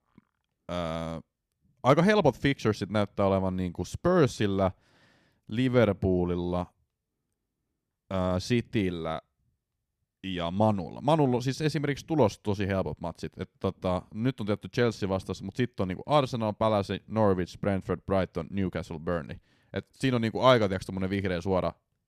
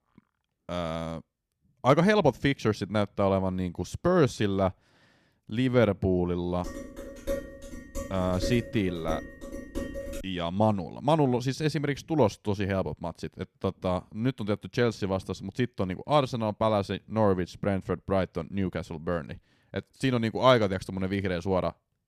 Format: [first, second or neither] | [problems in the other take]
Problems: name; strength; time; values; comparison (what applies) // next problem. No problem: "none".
first | clattering dishes; noticeable; from 6.5 to 10 s; peak 7 dB below the speech